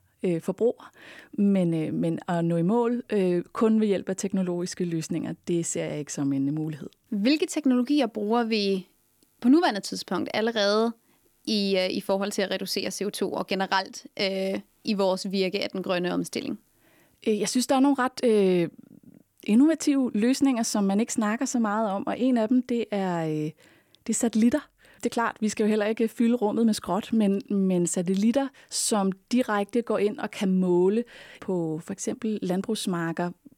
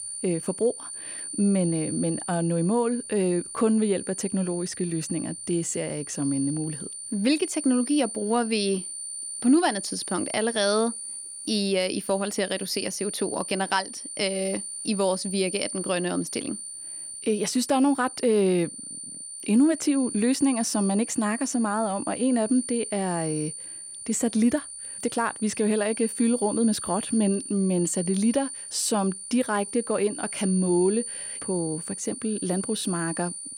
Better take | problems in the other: first | high-pitched whine; loud; throughout; 9 kHz, 8 dB below the speech

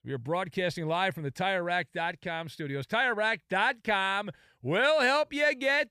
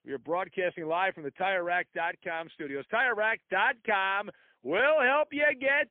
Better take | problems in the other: first | phone-call audio; poor line; nothing above 3.5 kHz

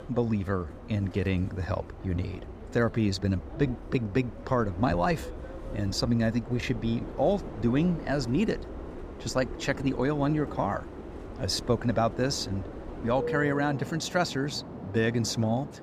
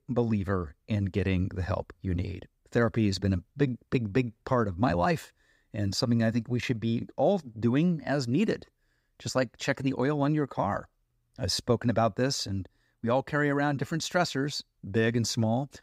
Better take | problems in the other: second | train or aircraft noise; noticeable; throughout; 10 dB below the speech

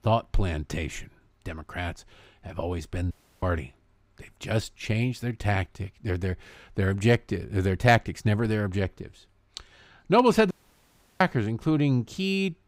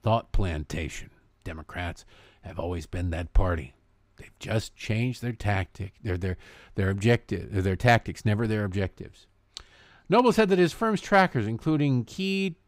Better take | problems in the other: second | audio cutting out; at 3 s and at 11 s for 0.5 s

